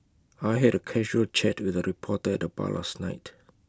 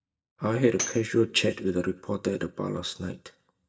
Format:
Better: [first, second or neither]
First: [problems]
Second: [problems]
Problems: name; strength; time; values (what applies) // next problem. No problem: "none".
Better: first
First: none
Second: noise reduction (neural mask model DeepFilterNet 3)